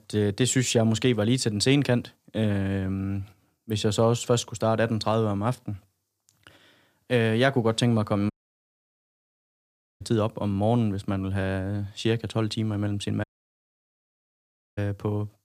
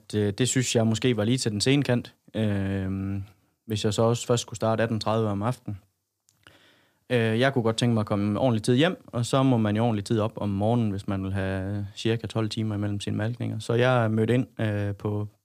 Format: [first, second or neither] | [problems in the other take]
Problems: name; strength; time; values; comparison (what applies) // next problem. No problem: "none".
second | audio cutting out; at 8.5 s for 1.5 s and at 13 s for 1.5 s